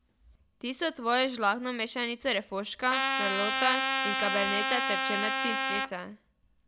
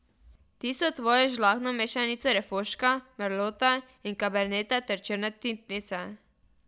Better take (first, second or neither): second